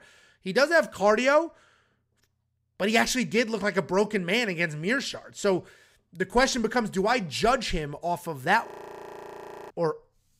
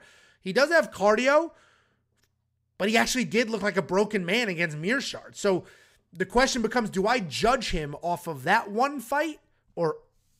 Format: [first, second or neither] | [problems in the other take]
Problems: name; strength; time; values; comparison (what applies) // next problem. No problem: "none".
second | audio freezing; at 8.5 s for 1 s